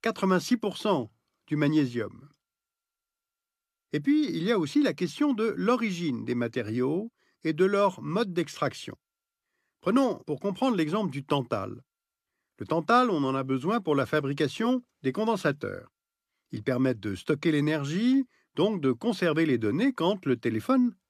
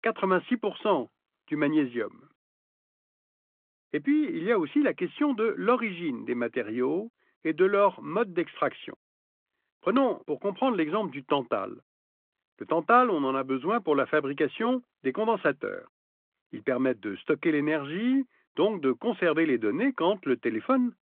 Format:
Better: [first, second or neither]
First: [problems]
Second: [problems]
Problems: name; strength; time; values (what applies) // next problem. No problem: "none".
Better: first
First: none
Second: phone-call audio